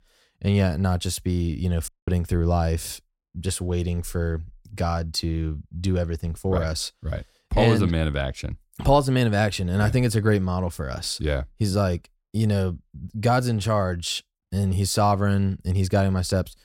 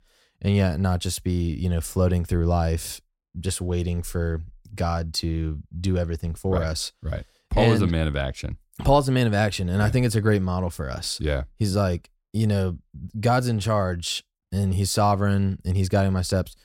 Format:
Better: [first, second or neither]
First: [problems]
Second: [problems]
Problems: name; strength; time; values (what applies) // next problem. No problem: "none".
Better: second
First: audio cutting out; at 2 s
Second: none